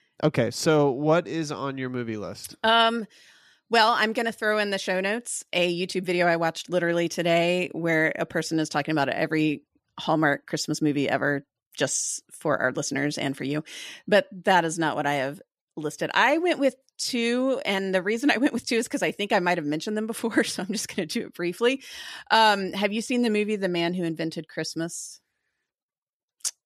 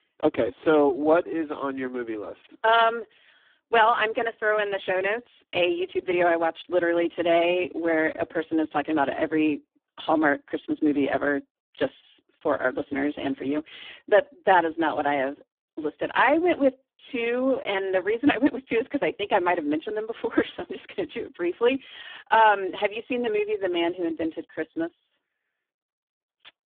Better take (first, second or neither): first